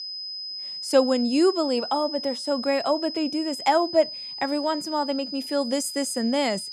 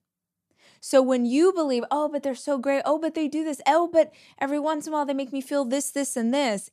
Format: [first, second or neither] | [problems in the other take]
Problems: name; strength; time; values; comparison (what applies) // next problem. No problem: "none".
second | high-pitched whine; loud; throughout; 5 kHz, 8 dB below the speech